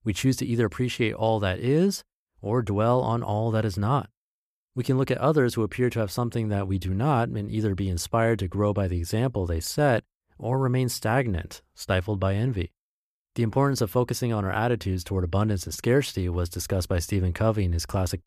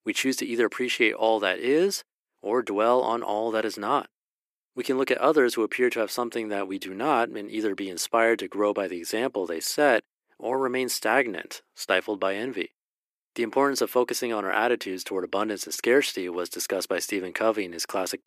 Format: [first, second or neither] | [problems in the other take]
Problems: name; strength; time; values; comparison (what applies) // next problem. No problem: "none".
first | thin; somewhat; fading below 300 Hz